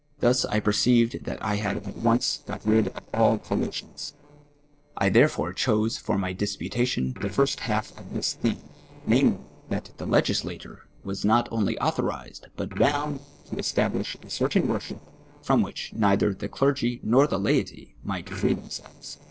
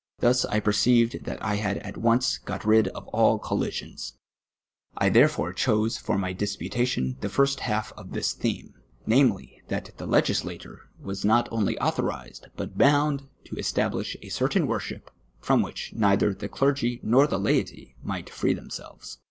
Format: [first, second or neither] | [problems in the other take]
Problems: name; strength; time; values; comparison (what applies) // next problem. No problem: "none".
second | noise reduction (neural separator model SepFormer DNS4)